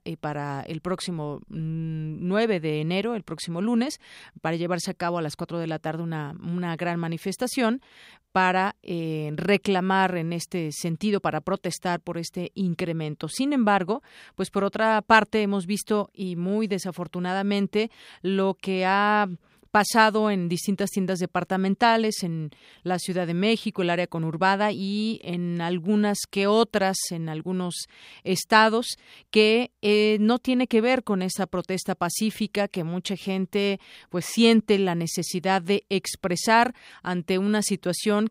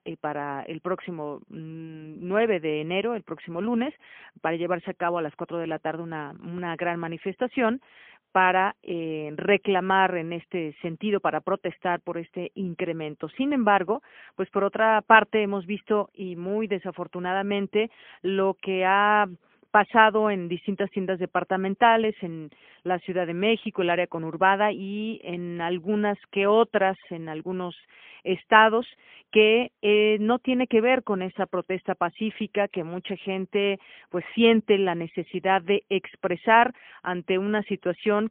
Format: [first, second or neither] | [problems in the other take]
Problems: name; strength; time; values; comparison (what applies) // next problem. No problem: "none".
first | phone-call audio; poor line; nothing above 3 kHz